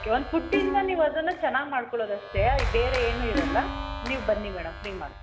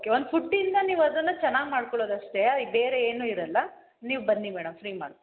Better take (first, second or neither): second